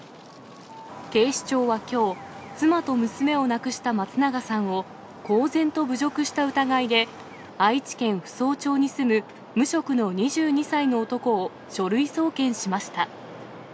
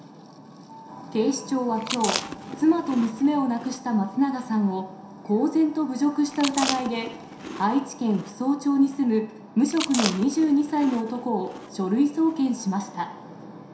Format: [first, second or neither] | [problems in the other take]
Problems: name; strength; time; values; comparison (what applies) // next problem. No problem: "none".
first | background sound (Chewing, mastication); 11 dB below the speech // room echo; dies away in 0.7 s